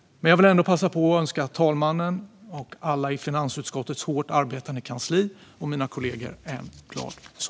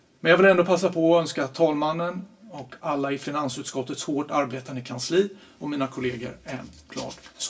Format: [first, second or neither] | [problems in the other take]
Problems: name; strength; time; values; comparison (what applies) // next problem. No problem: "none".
first | room echo; dies away in 0.2 s